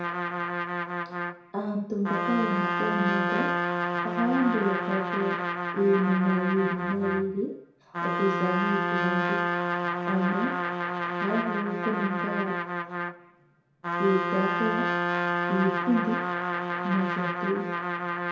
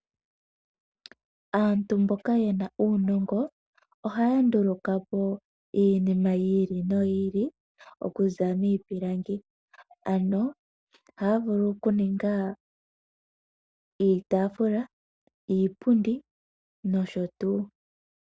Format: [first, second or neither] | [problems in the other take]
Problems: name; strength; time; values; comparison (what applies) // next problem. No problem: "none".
second | background sound (Trumpet); as loud as the speech // room echo; dies away in 0.6 s